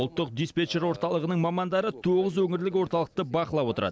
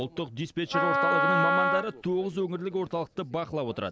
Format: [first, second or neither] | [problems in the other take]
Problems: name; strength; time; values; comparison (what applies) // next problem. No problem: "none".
first | background sound (Wind instrument, woodwind instrument); 4 dB above the speech